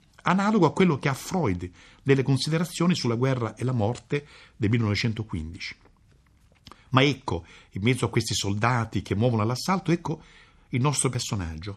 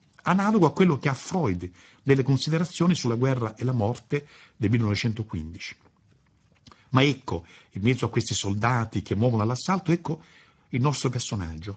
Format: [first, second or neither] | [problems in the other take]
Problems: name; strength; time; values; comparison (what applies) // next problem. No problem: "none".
first | garbled, watery; badly; nothing above 7.5 kHz